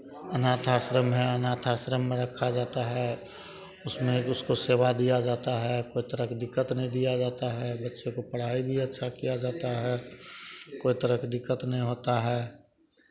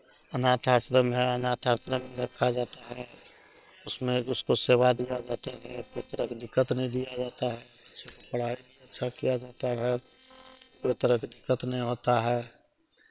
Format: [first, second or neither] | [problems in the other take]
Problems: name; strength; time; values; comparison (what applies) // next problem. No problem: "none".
first | noise reduction (neural separator model SepFormer WHAM!)